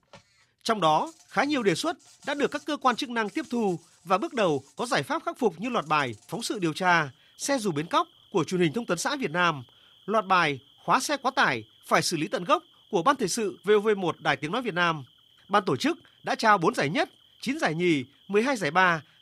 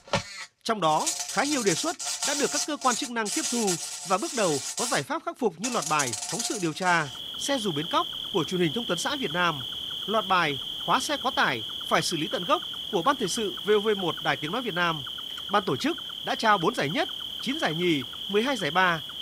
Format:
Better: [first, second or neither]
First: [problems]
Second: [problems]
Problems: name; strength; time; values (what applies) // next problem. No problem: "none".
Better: first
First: animal sounds; faint; throughout; 30 dB below the speech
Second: animal sounds; loud; throughout; 4 dB below the speech